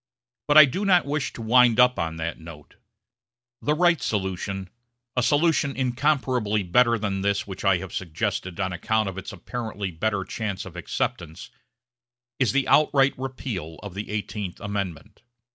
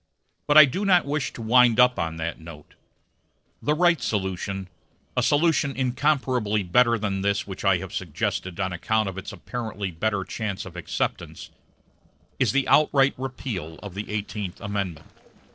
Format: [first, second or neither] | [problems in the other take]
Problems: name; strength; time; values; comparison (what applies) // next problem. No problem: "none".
first | noise reduction (neural separator model SepFormer DNS4)